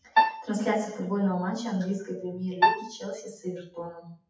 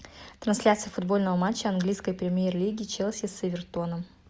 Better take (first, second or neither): second